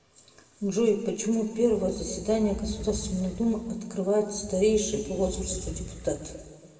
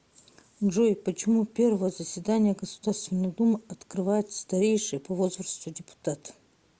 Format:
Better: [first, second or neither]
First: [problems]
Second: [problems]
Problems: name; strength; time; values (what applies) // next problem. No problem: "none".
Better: second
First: background sound (Animal); 12 dB below the speech // room echo; dies away in 1.8 s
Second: none